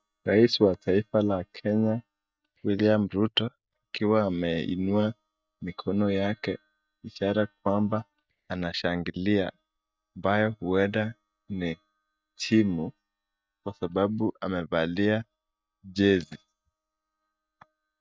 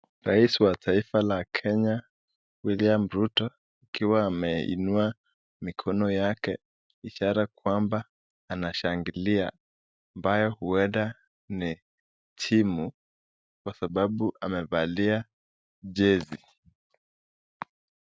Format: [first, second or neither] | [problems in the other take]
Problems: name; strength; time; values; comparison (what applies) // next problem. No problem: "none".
second | noise reduction (neural mask model DeepFilterNet 3)